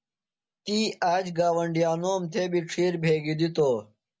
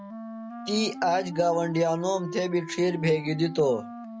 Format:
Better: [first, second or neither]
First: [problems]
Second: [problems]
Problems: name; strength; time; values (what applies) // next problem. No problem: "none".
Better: first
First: none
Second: background sound (Wind instrument, woodwind instrument); 12 dB below the speech